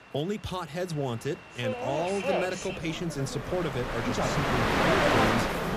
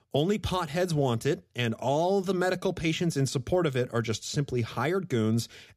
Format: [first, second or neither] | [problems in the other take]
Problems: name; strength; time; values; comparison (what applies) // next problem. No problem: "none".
second | train or aircraft noise; very loud; throughout; 4 dB above the speech